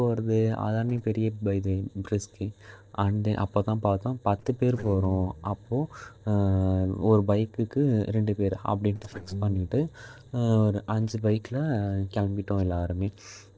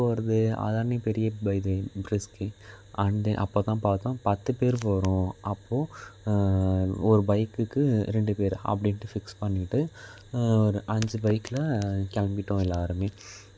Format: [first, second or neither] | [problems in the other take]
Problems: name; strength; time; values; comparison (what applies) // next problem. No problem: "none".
second | noise reduction (neural separator model SepFormer DNS4)